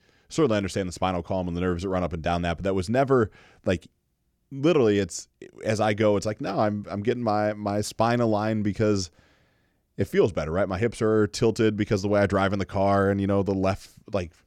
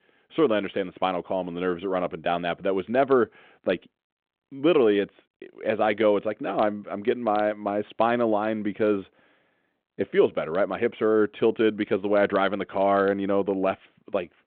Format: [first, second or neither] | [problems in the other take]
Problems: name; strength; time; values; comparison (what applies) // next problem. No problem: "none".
first | phone-call audio